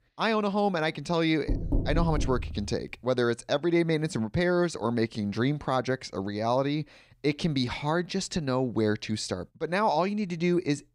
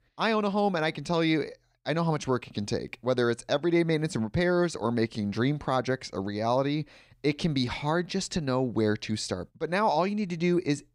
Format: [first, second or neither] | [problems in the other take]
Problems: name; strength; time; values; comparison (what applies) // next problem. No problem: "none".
second | door banging; noticeable; from 1.5 to 2.5 s; peak 2 dB below the speech